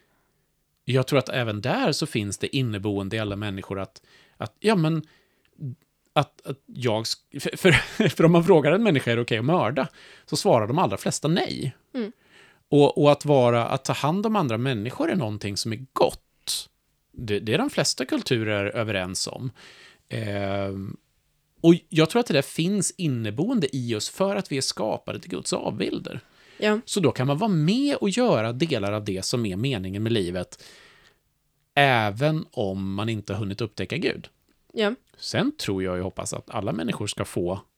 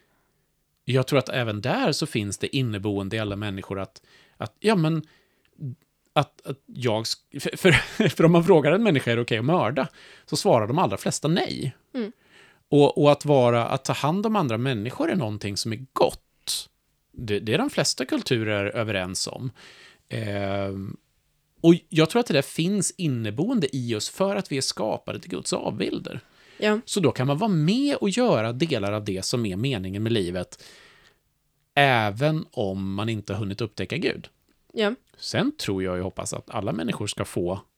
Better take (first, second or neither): neither